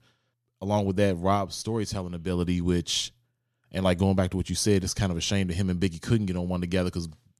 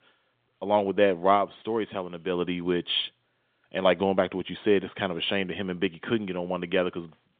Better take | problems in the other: first | phone-call audio; nothing above 3.5 kHz

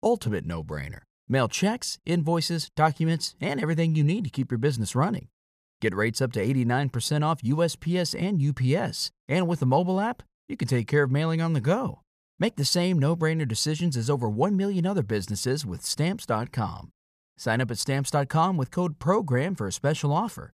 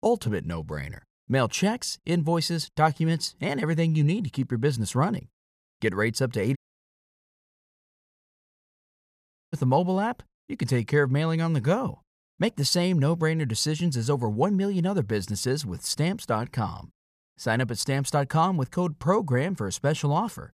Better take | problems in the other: first | audio cutting out; at 6.5 s for 3 s

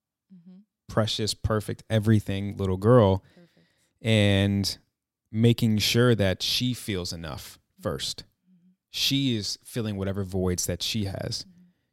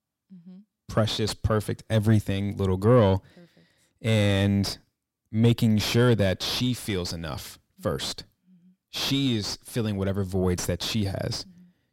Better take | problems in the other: first | distortion; slight; 9 dB below the speech

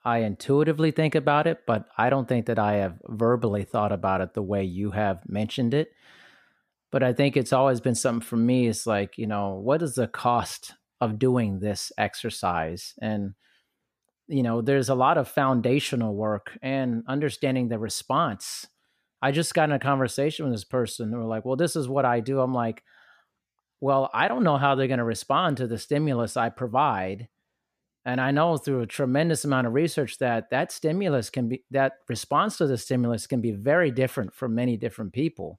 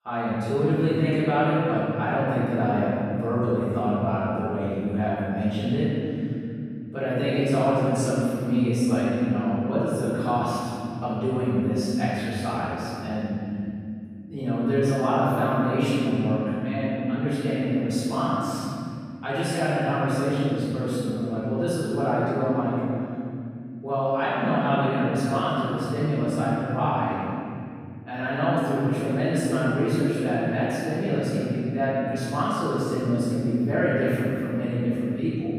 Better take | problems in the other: first | room echo; strong; dies away in 3 s // off-mic speech; far

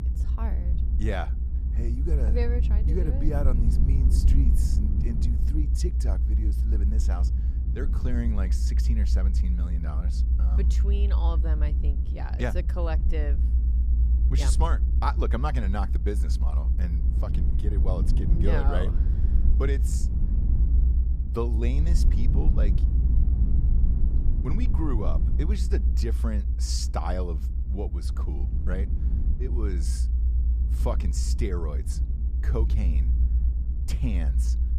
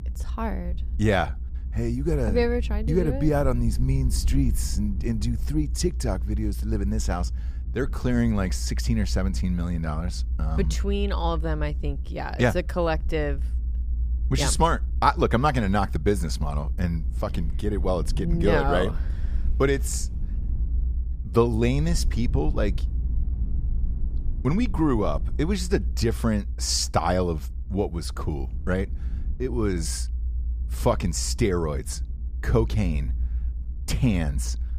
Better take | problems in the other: second | low rumble; loud; throughout; 7 dB below the speech; faint in the second

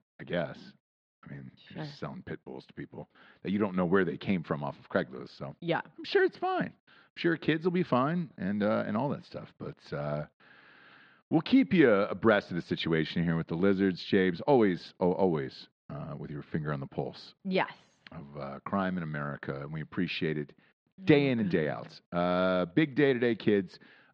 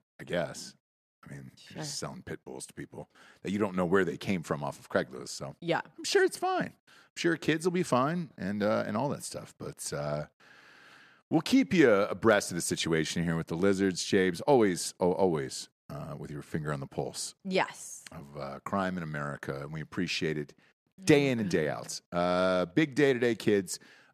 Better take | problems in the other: second | muffled; slightly; fading above 4 kHz

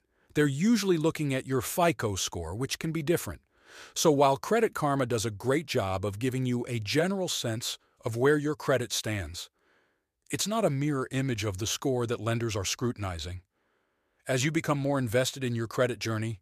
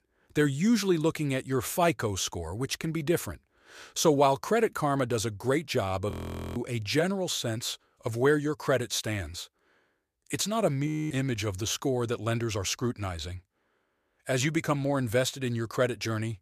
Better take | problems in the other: first | audio freezing; at 6 s and at 11 s

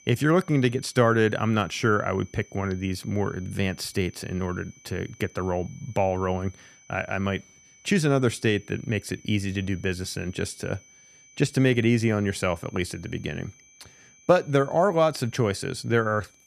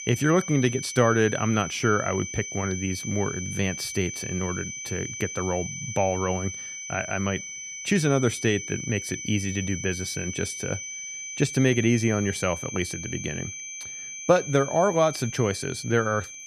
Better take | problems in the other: first | high-pitched whine; loud; throughout; 6 kHz, 8 dB below the speech; faint in the first

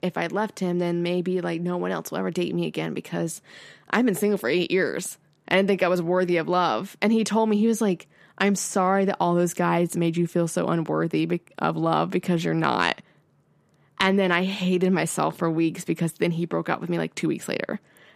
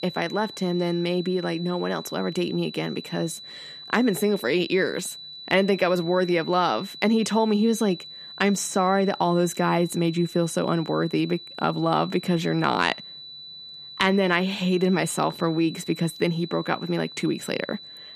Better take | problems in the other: first | high-pitched whine; noticeable; throughout; 4 kHz, 15 dB below the speech

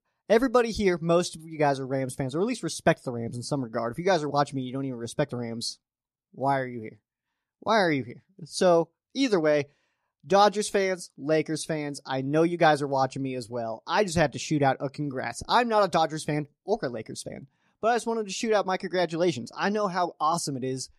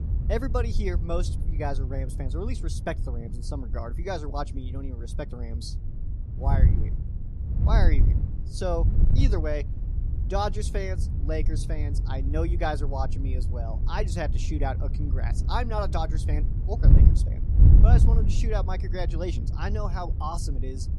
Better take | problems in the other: first | wind noise on the microphone; heavy; 8 dB below the speech

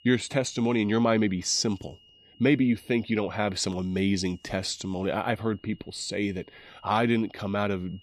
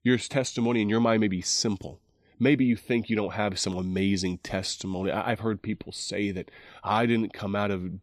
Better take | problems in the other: second | high-pitched whine; faint; throughout; 3 kHz, 30 dB below the speech

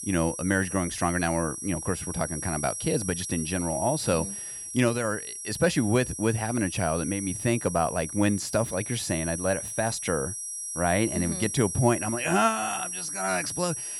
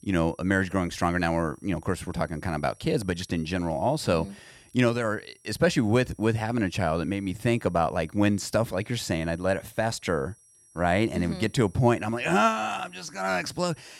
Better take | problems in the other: second | high-pitched whine; loud; throughout; 11 kHz, 5 dB below the speech; faint in the second

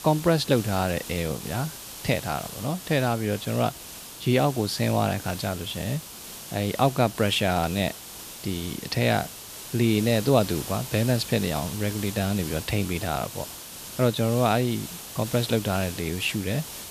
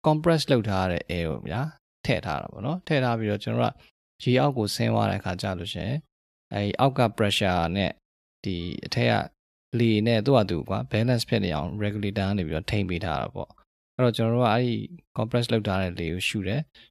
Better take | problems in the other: second | hiss; noticeable; throughout; 10 dB below the speech

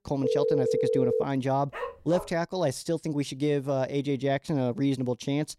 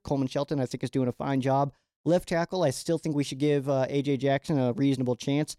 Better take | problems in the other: second | phone ringing; loud; at the start; peak 3 dB above the speech // dog barking; noticeable; at 1.5 s; peak 8 dB below the speech

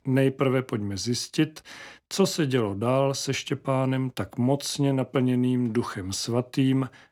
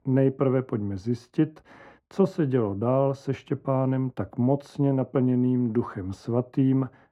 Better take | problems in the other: first | muffled; very; fading above 2 kHz

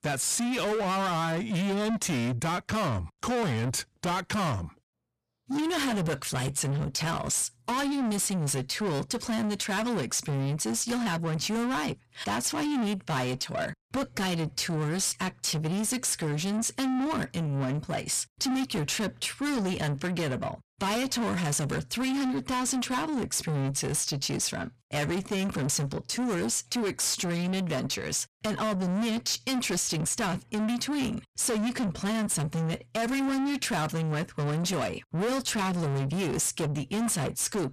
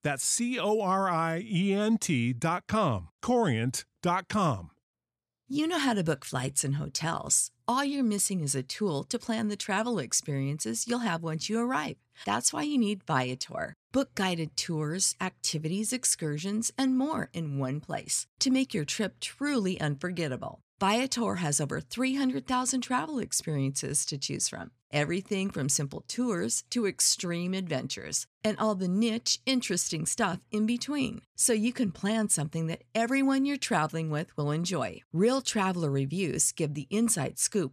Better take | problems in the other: second | distortion; heavy; 6 dB below the speech

